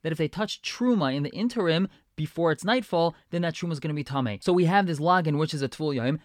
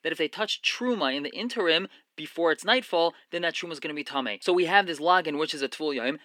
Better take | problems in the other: first | thin; somewhat; fading below 300 Hz

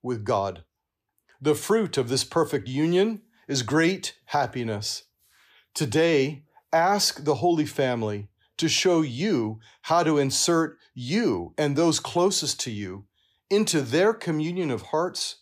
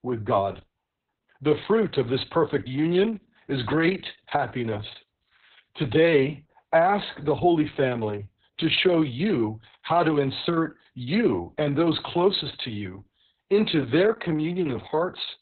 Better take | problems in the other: first | garbled, watery; badly; nothing above 4 kHz

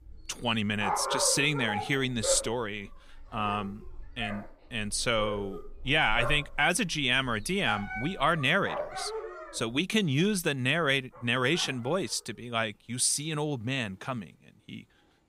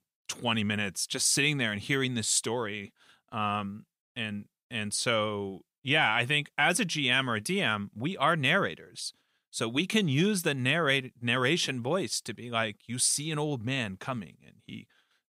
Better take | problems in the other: second | animal sounds; loud; throughout; 9 dB below the speech

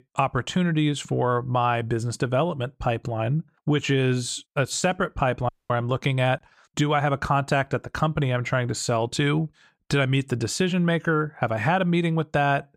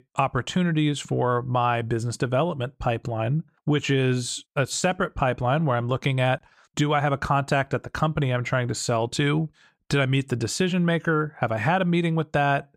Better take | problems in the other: second | audio cutting out; at 5.5 s

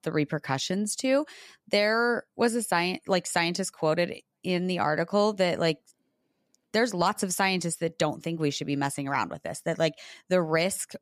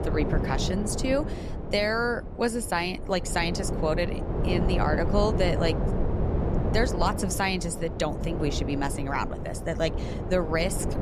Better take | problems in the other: first | wind noise on the microphone; heavy; 7 dB below the speech

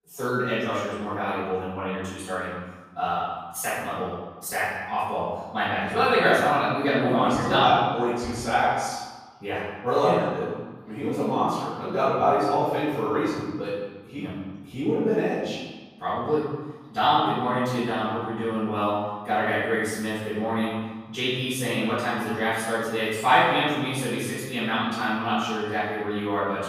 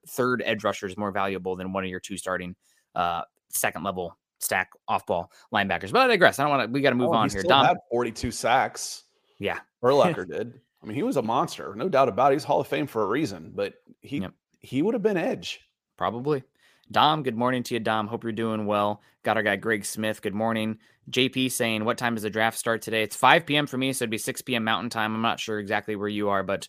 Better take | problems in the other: second | room echo; strong; dies away in 1.2 s // off-mic speech; far

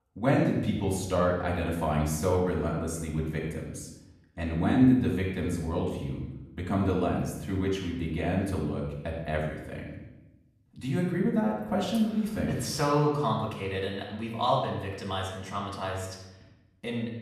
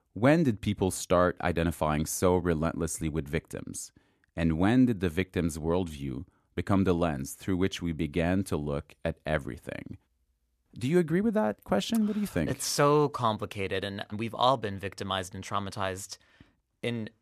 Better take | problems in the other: second | off-mic speech; far // room echo; noticeable; dies away in 0.9 s

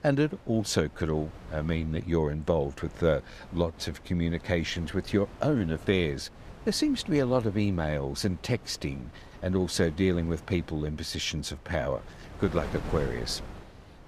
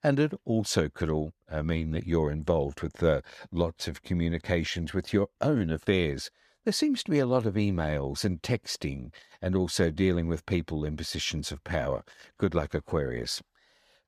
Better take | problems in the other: second | wind noise on the microphone; occasional gusts; 15 dB below the speech

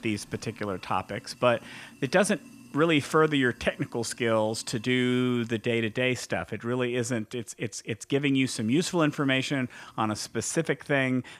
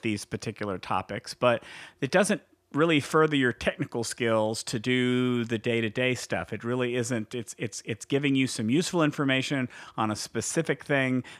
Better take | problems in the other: second | household noises; faint; throughout; 25 dB below the speech

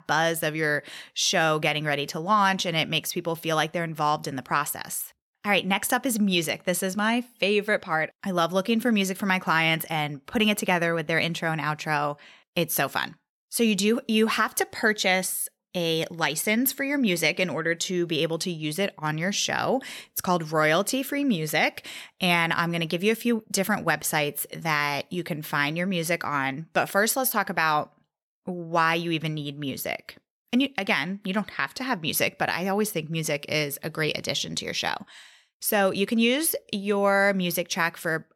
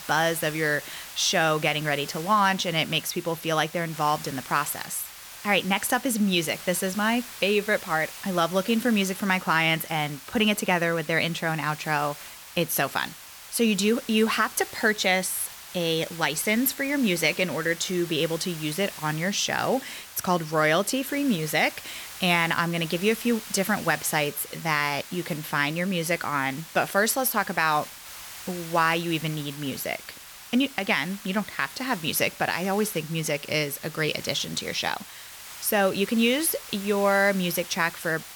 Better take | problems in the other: first | hiss; noticeable; throughout; 15 dB below the speech

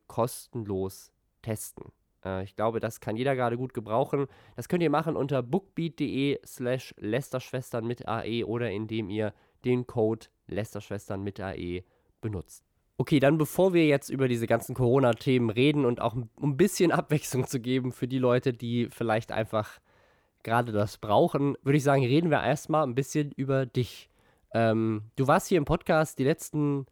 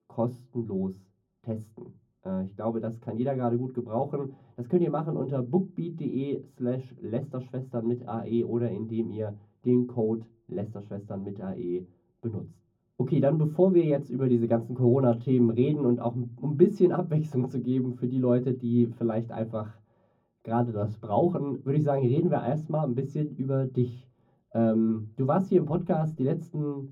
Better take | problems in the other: first | room echo; very slight; dies away in 0.4 s // off-mic speech; far

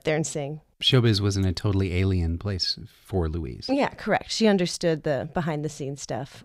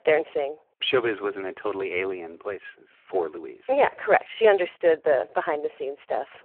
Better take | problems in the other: first | phone-call audio; poor line; nothing above 3.5 kHz

